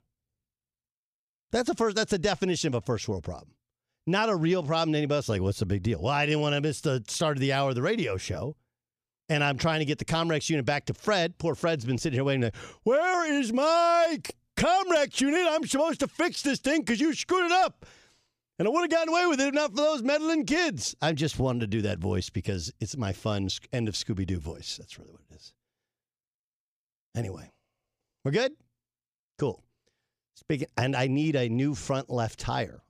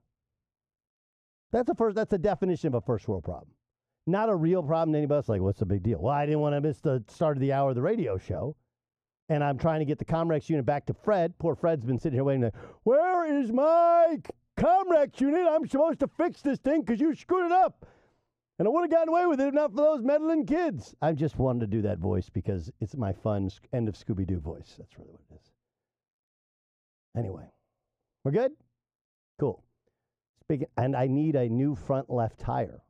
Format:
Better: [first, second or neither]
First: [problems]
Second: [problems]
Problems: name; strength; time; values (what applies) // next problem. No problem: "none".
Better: first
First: none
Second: muffled; very; fading above 2 kHz